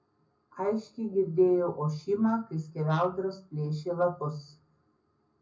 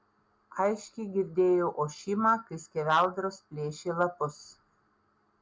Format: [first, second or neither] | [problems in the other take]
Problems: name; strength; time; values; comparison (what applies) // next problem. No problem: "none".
second | room echo; dies away in 0.4 s